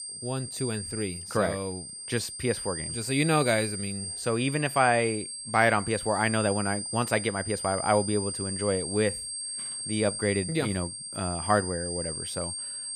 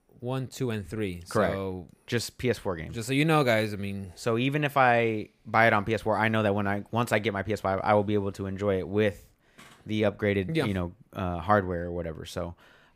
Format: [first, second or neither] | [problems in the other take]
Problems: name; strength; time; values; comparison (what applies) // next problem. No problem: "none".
second | high-pitched whine; loud; throughout; 8.5 kHz, 5 dB below the speech